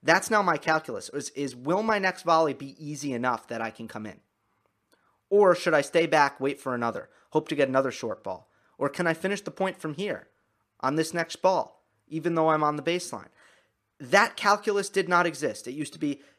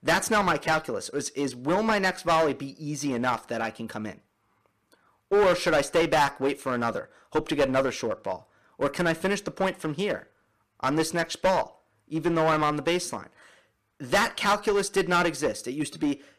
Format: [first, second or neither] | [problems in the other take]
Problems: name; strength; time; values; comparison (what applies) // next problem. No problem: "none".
first | distortion; heavy; 7% of the sound clipped